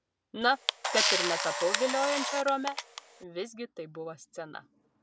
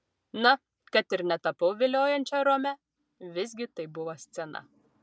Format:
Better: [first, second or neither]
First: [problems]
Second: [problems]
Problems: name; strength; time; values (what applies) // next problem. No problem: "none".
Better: second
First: background sound (Camera); 1 dB above the speech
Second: none